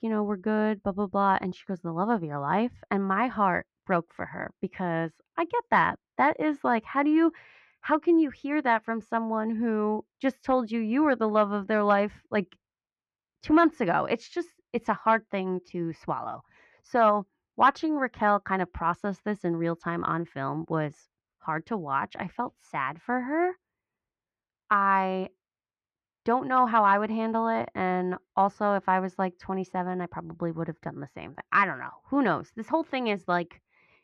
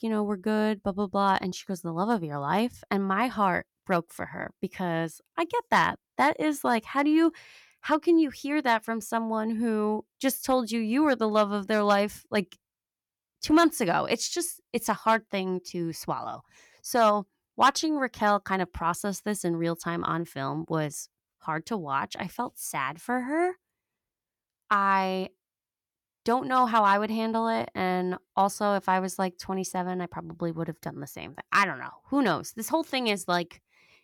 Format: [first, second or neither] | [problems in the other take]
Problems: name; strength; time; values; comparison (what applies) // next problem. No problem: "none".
second | muffled; very; fading above 2 kHz